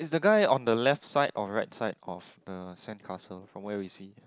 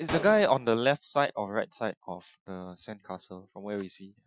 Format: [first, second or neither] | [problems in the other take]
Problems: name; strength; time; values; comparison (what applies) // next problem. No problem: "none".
first | noise reduction (classical method Wiener filter)